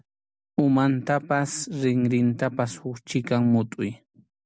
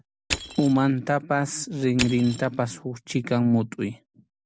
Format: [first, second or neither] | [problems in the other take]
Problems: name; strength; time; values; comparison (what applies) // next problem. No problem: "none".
first | background sound (Crushing); 11 dB below the speech